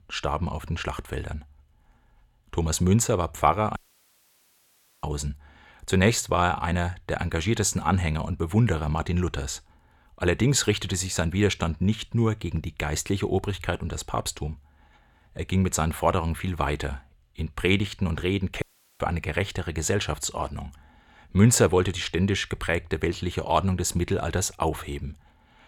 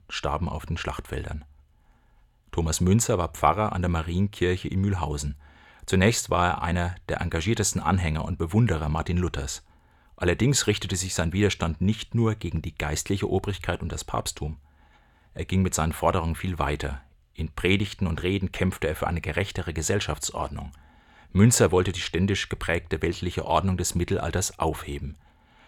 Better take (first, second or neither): second